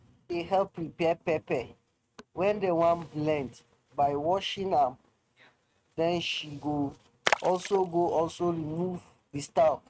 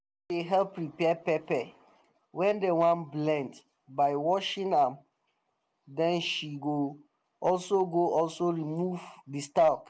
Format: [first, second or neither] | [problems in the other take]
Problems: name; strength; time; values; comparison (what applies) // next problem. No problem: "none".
second | noise reduction (neural mask model RNNoise)